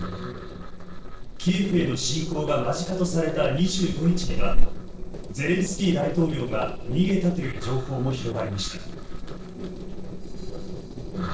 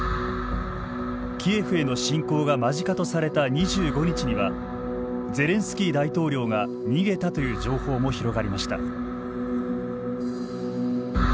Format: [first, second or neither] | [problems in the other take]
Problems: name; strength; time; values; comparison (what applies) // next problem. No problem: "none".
second | noise reduction (neural separator model SepFormer DNS4)